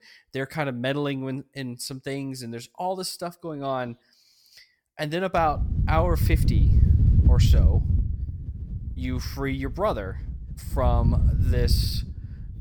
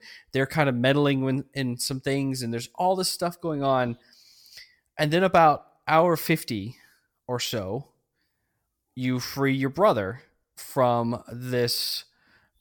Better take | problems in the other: second | wind noise on the microphone; heavy; from 5.5 s on; 9 dB below the speech

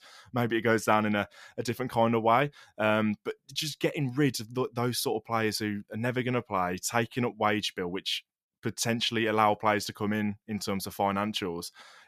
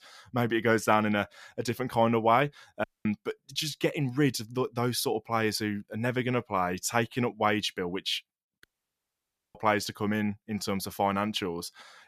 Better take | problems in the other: first | audio cutting out; at 3 s and at 8.5 s for 1 s

